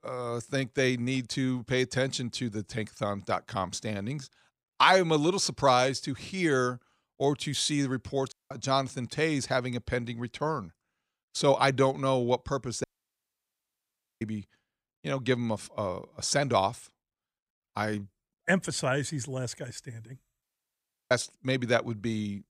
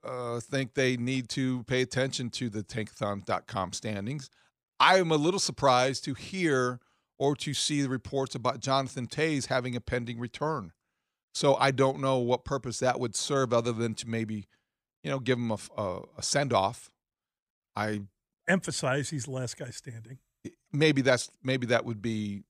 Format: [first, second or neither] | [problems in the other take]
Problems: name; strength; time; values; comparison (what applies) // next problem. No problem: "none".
second | audio cutting out; at 8.5 s, at 13 s for 1.5 s and at 20 s for 0.5 s